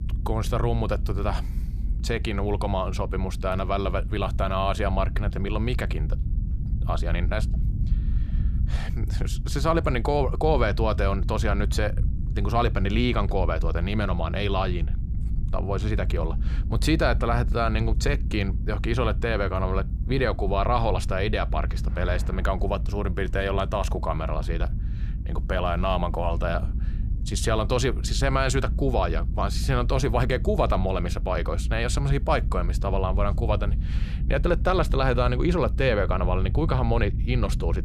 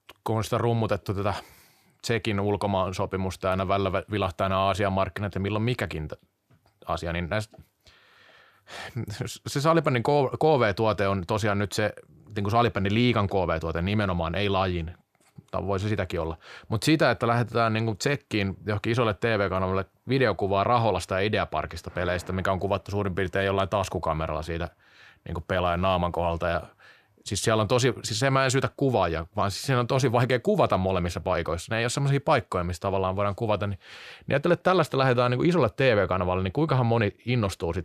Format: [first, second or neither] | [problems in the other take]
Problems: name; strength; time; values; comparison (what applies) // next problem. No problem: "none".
second | low rumble; noticeable; throughout; 15 dB below the speech